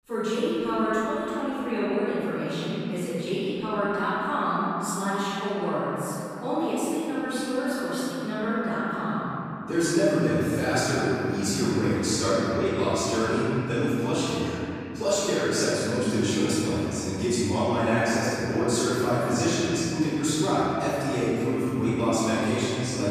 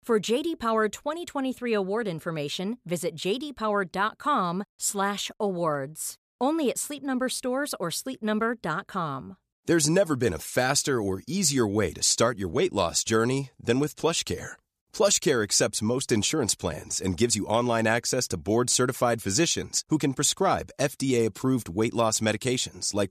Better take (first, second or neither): second